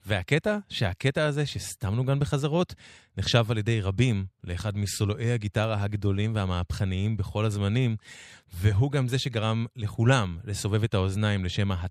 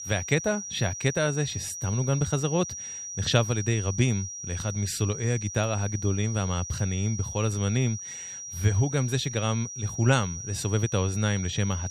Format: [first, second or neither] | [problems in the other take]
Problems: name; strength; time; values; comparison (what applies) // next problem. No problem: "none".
first | high-pitched whine; loud; throughout; 5.5 kHz, 8 dB below the speech